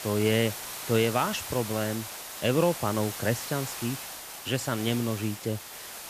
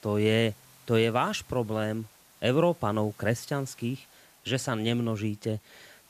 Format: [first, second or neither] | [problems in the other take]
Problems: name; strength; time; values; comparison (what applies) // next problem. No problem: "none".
second | hiss; loud; throughout; 8 dB below the speech; faint in the second